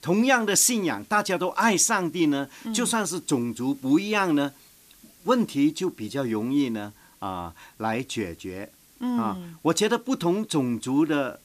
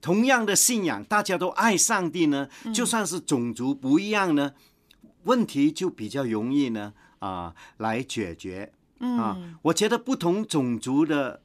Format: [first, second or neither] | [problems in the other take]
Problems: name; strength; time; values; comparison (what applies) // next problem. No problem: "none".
second | hiss; faint; throughout; 30 dB below the speech